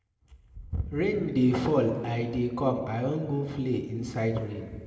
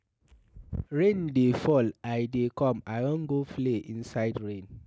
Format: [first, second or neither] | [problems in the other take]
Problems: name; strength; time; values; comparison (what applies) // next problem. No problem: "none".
second | room echo; dies away in 1.5 s